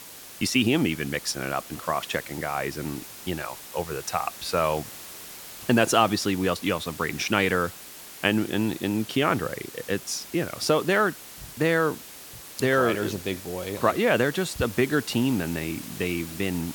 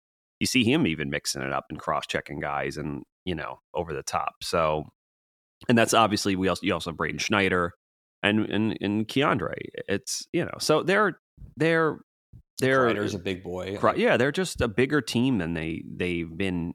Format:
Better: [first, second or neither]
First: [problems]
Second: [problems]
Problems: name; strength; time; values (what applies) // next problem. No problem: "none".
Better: second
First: hiss; noticeable; throughout; 15 dB below the speech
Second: none